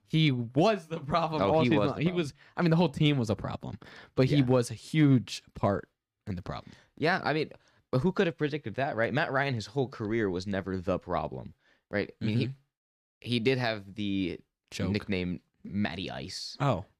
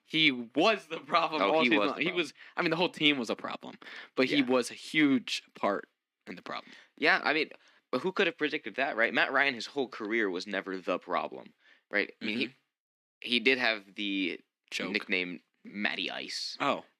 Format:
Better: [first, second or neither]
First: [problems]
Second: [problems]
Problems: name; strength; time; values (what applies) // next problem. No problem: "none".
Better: first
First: none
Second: thin; very slightly; fading below 250 Hz